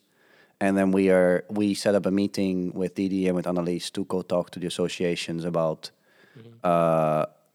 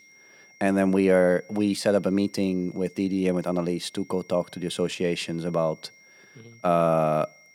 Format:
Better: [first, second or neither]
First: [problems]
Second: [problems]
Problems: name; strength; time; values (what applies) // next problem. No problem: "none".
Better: first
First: none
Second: high-pitched whine; faint; throughout; 2 kHz, 25 dB below the speech